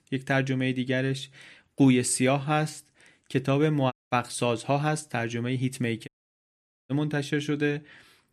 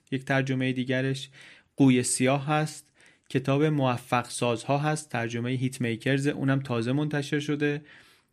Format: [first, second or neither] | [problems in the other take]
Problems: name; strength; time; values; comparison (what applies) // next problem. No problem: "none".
second | audio cutting out; at 4 s and at 6 s for 1 s